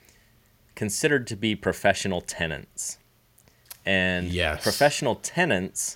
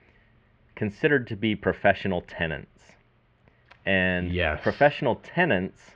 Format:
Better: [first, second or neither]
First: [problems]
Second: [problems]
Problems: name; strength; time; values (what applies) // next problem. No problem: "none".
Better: first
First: none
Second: muffled; very; fading above 3 kHz